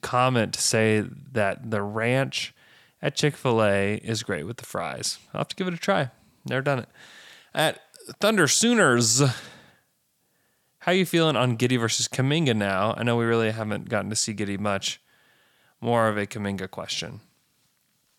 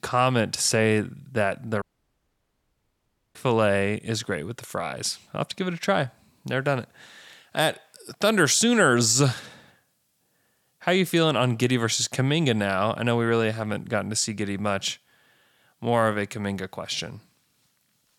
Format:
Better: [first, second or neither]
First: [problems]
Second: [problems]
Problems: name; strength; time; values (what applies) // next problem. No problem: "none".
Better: first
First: none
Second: audio cutting out; at 2 s for 1.5 s